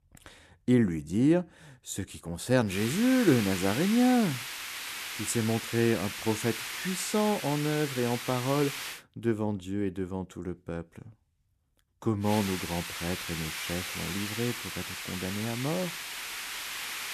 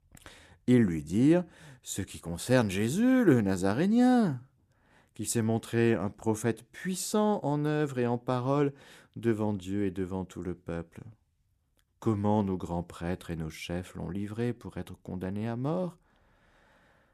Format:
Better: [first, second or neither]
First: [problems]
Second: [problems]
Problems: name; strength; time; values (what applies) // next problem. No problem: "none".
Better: second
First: hiss; loud; from 2.5 to 9 s and from 12 s on; 6 dB below the speech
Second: none